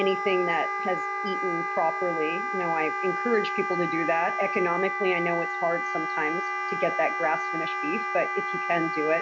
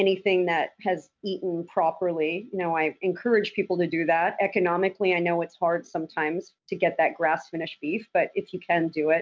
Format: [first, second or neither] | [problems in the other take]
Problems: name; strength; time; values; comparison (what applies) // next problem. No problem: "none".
second | background sound (Wind instrument, woodwind instrument); 1 dB below the speech